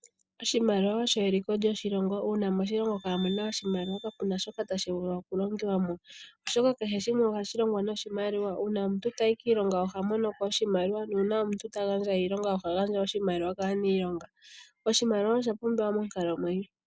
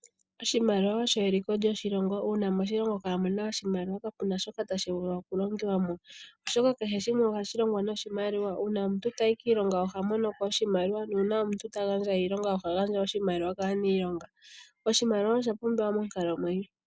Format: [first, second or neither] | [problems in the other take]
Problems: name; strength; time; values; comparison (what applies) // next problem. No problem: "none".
second | background sound (Glass); 19 dB below the speech